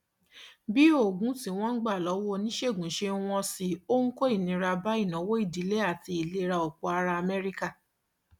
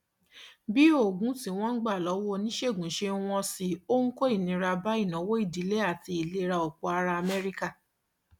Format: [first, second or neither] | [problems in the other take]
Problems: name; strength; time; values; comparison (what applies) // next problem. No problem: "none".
first | background sound (Whoosh, swoosh, swish); 17 dB below the speech